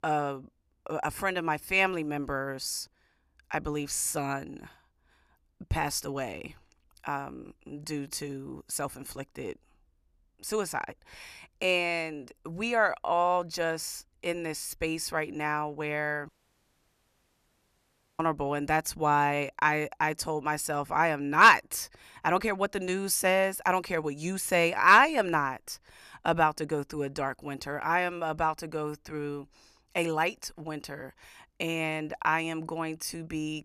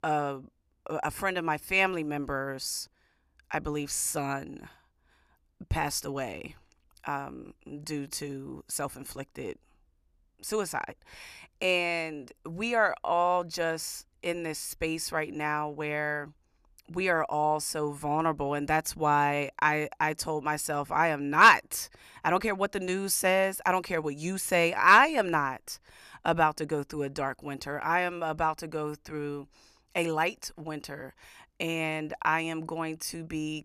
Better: second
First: audio cutting out; at 16 s for 2 s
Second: none

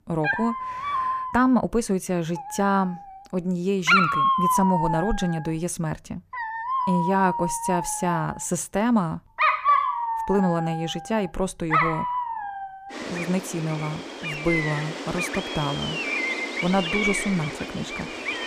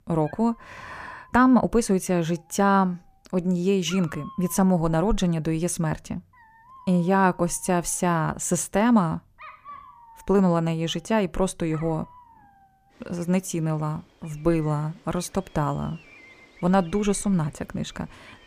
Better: second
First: animal sounds; loud; throughout; as loud as the speech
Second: animal sounds; faint; throughout; 25 dB below the speech

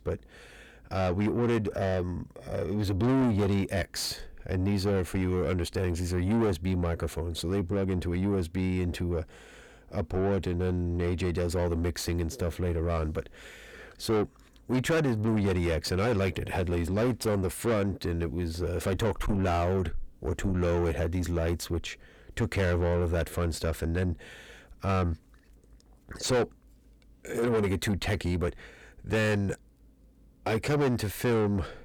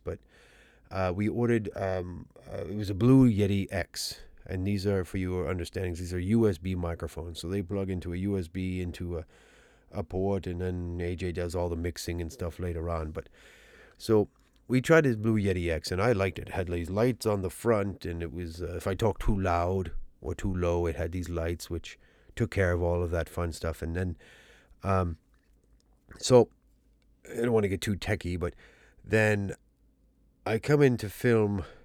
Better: second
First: distortion; heavy; 6 dB below the speech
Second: none

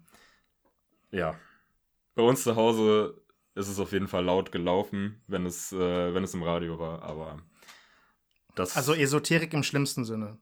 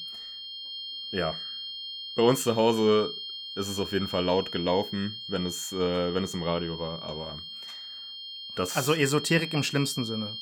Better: first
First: none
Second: high-pitched whine; loud; throughout; 3 kHz, 8 dB below the speech

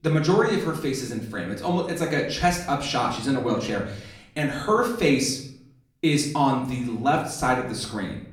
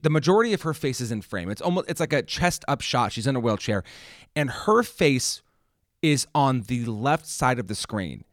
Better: second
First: room echo; slight; dies away in 0.5 s // off-mic speech; far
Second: none

